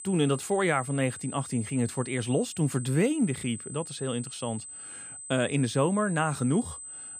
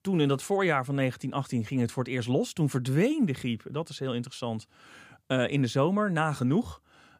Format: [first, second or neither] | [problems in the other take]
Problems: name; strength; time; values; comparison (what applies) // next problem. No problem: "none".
second | high-pitched whine; noticeable; throughout; 8 kHz, 10 dB below the speech